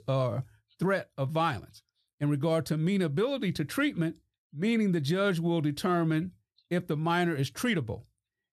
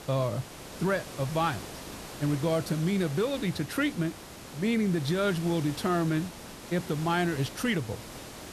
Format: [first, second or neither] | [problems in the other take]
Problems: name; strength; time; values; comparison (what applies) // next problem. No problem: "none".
first | hiss; noticeable; throughout; 10 dB below the speech